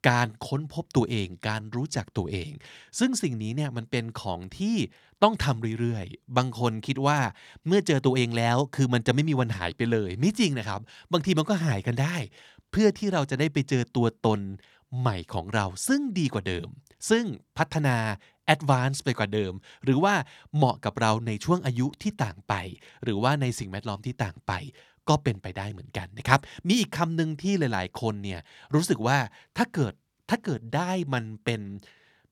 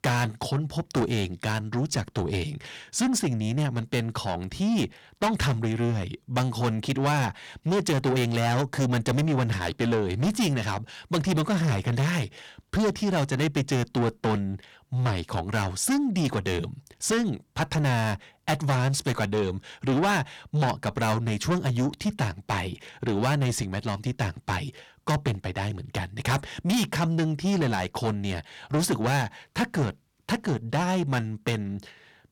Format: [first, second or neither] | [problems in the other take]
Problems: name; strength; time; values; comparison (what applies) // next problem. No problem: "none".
first | distortion; heavy; 6 dB below the speech